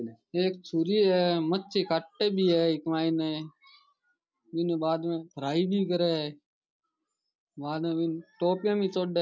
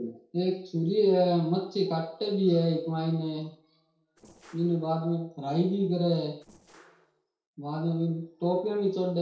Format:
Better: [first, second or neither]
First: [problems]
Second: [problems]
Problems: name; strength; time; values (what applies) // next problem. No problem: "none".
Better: first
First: none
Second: noise reduction (neural separator model SepFormer DNS4)